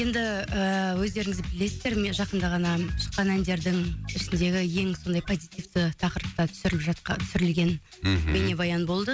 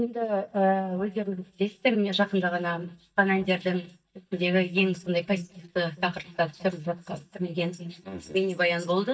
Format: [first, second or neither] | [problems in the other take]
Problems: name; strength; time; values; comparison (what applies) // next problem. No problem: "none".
first | noise reduction (neural mask model DeepFilterNet 3)